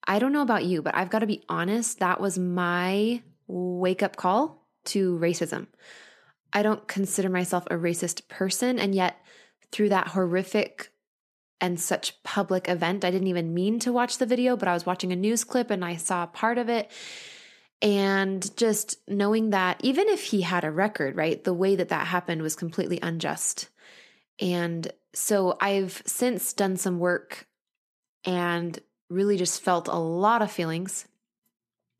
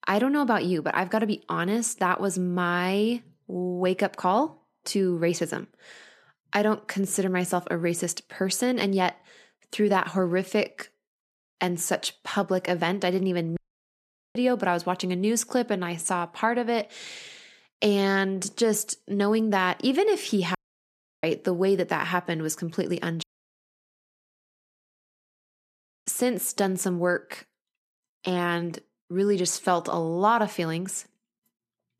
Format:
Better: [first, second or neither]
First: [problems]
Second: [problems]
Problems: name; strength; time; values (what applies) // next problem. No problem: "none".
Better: first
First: none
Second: audio cutting out; at 14 s for 1 s, at 21 s for 0.5 s and at 23 s for 3 s